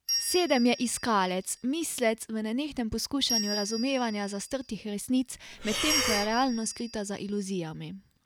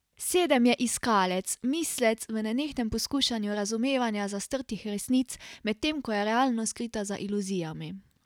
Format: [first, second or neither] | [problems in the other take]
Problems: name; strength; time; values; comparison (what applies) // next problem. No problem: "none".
second | background sound (Bell + Breathing); 6 dB below the speech